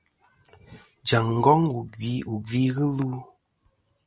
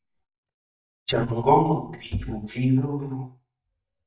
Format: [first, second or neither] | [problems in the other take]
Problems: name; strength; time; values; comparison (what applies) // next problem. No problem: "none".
first | noise reduction (neural mask model DeepFilterNet 3)